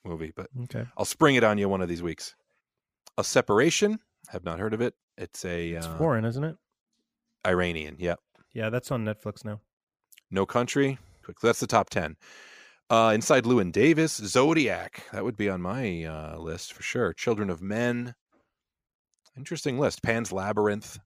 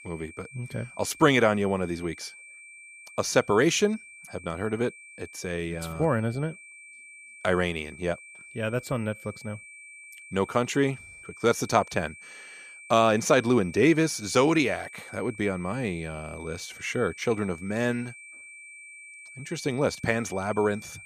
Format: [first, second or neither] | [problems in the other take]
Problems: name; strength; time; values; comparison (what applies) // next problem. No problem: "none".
first | high-pitched whine; noticeable; throughout; 2.5 kHz, 20 dB below the speech